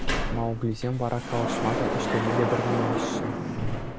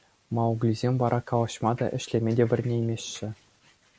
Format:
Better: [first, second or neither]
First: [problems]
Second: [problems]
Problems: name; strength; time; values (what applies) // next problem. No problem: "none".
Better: second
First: background sound (Sliding door); 2 dB above the speech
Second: none